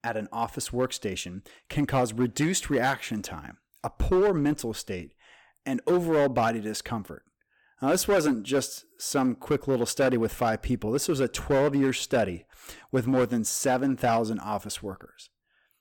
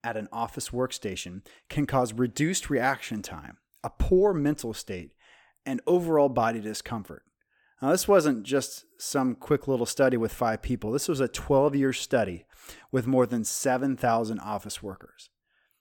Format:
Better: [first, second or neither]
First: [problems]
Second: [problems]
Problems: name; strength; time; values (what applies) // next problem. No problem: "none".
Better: second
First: distortion; slight; 5% of the sound clipped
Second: none